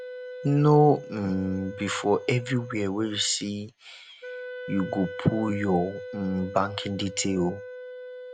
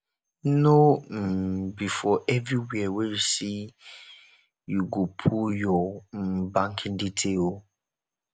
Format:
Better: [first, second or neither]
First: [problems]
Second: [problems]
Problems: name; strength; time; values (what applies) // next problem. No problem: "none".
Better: second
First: background sound (Wind instrument, woodwind instrument); 13 dB below the speech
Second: none